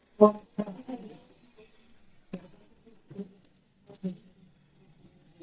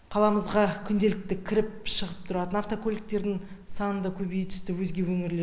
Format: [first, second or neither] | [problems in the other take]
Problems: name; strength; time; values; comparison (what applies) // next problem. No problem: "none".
second | noise reduction (neural mask model DeepFilterNet 3)